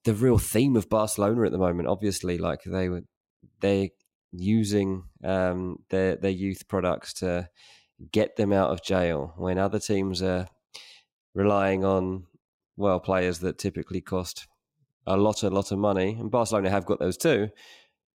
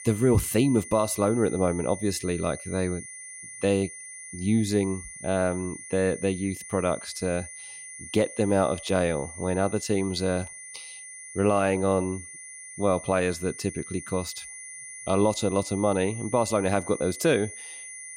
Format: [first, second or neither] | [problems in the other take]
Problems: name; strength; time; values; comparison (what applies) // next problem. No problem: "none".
first | high-pitched whine; noticeable; throughout; 9.5 kHz, 10 dB below the speech